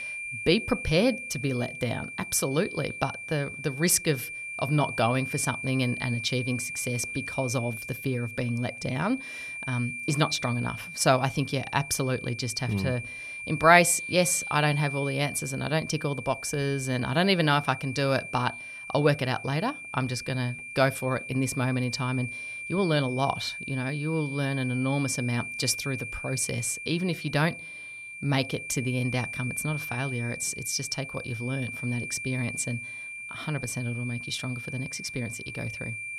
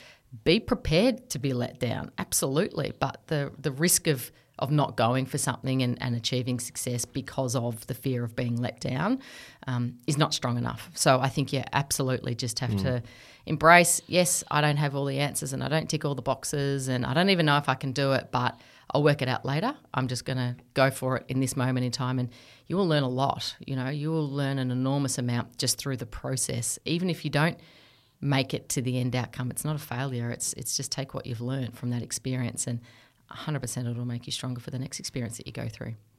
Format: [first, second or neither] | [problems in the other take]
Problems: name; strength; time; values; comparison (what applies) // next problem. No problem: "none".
second | high-pitched whine; loud; throughout; 2.5 kHz, 8 dB below the speech